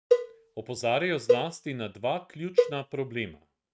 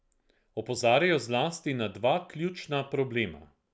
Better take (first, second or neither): second